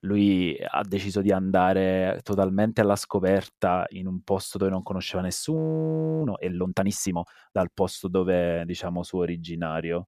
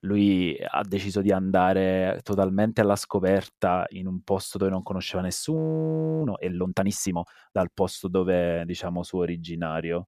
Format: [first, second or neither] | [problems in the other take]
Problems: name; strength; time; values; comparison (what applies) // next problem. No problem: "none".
neither | audio freezing; at 5.5 s for 0.5 s; the same in both